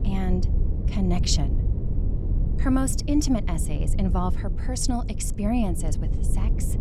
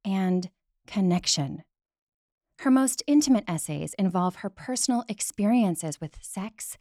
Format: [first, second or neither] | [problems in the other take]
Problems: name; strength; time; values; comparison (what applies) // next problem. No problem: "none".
second | low rumble; noticeable; throughout; 10 dB below the speech